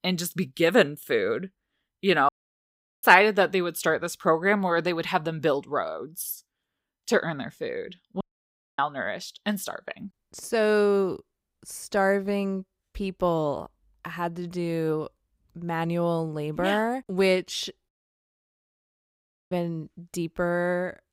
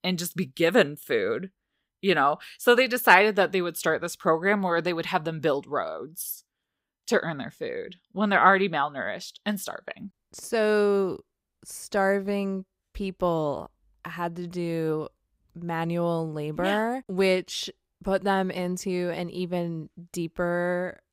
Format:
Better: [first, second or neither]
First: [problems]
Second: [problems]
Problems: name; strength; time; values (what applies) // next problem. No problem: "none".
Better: second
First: audio cutting out; at 2.5 s for 0.5 s, at 8 s for 0.5 s and at 18 s for 1.5 s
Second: none